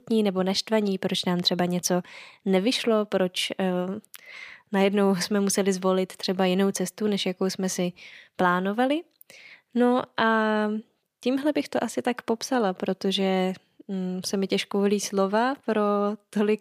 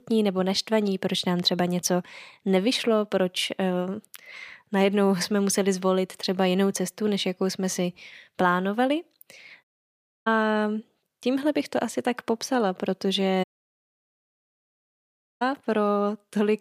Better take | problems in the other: first | audio cutting out; at 9.5 s for 0.5 s and at 13 s for 2 s

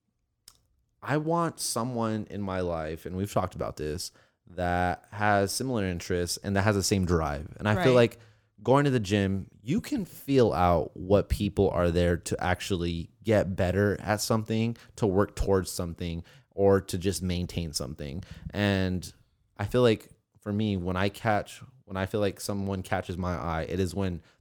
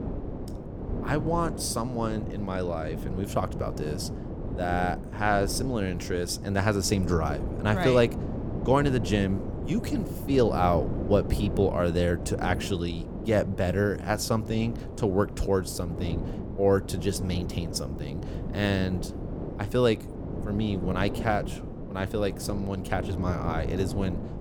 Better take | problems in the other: first | wind noise on the microphone; occasional gusts; 10 dB below the speech

